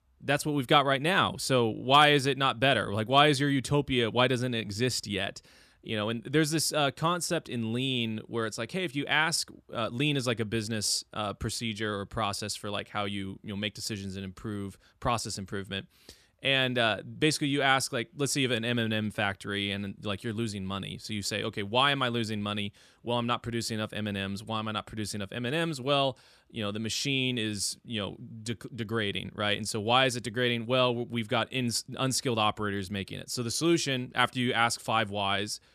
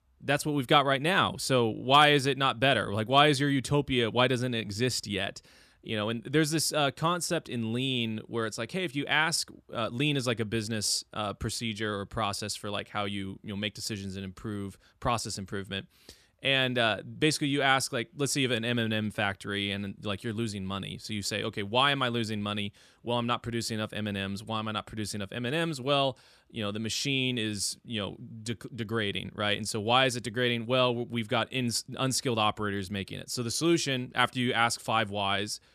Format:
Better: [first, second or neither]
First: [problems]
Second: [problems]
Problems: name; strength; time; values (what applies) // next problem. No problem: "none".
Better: neither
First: none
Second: none